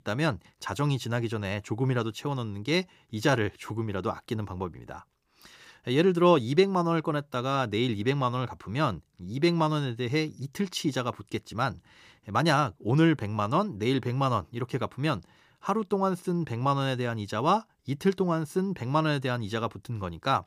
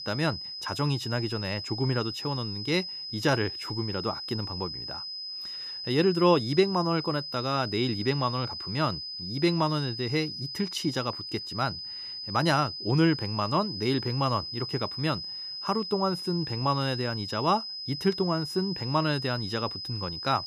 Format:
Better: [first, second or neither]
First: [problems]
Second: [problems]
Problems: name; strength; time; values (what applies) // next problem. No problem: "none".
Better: first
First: none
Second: high-pitched whine; loud; throughout; 5 kHz, 6 dB below the speech